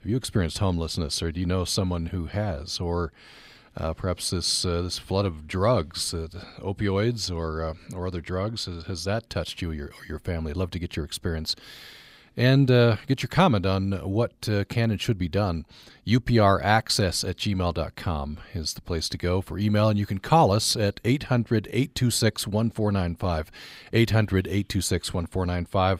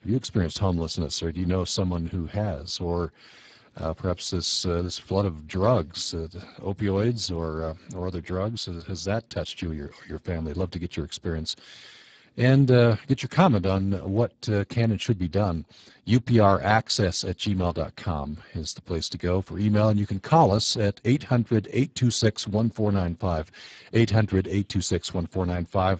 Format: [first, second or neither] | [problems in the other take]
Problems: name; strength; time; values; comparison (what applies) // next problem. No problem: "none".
first | garbled, watery; badly; nothing above 7.5 kHz